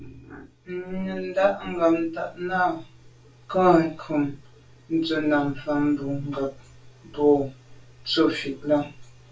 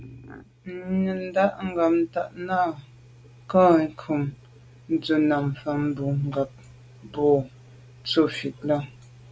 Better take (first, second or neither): second